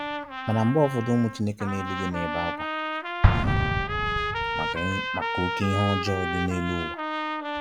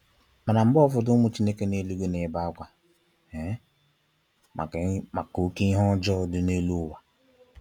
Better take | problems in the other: second | background sound (Explosion + Trumpet); 1 dB above the speech

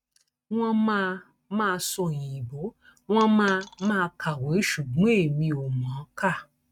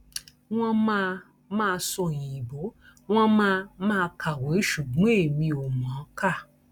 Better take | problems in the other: second | noise reduction (neural mask model RNNoise)

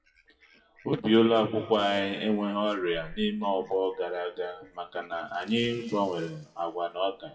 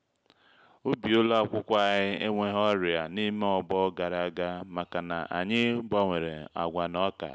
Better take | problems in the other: second | noise reduction (classical method WPE with log-MMSE)

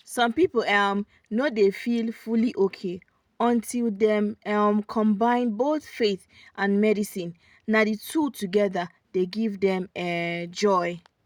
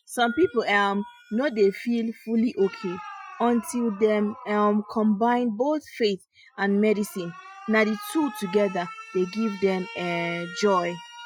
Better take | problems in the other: first | noise reduction (classical method Wiener filter)

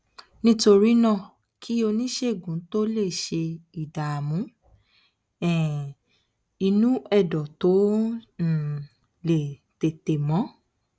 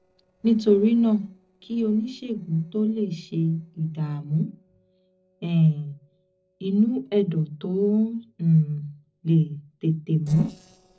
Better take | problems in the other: first | noise reduction (neural separator model SepFormer DNS4)

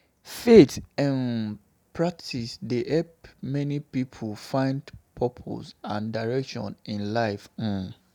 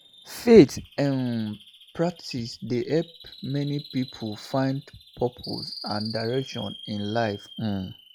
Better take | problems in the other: first | noise reduction (classical method log-MMSE)

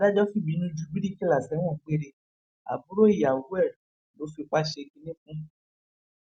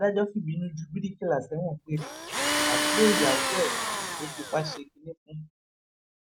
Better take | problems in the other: first | background sound (Tools); 2 dB above the speech

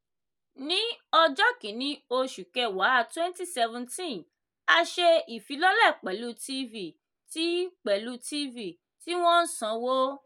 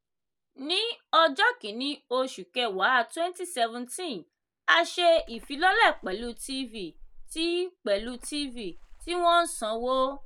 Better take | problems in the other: first | background sound (Water / Splash, splatter); 17 dB below the speech

